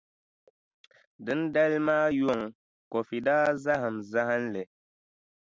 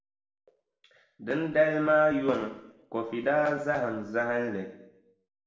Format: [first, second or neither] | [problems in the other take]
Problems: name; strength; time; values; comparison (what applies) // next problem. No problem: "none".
first | room echo; dies away in 0.8 s